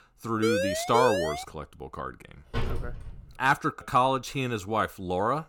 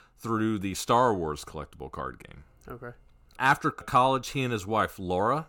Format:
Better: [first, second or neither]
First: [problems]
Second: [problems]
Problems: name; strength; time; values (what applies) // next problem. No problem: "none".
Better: second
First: siren; loud; until 1.5 s; peak 1 dB above the speech // door banging; noticeable; at 2.5 s; peak 6 dB below the speech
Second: none